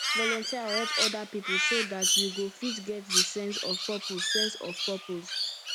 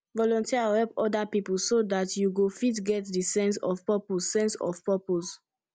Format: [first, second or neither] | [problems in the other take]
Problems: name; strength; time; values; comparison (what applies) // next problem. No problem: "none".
second | background sound (Crow); 4 dB above the speech